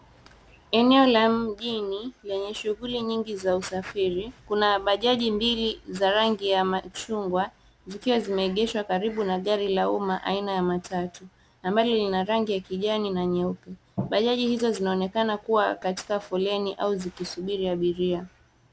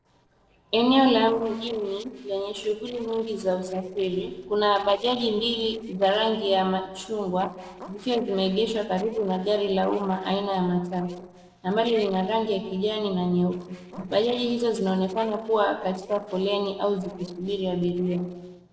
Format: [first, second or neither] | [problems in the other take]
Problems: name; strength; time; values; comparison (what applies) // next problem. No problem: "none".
first | noise reduction (neural separator model SepFormer DNS4)